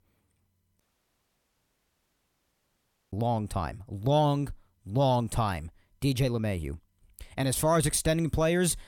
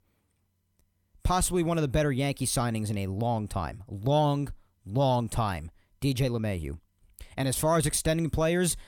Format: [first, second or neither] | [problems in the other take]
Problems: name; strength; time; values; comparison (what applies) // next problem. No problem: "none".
second | audio cutting out; at 1 s for 2.5 s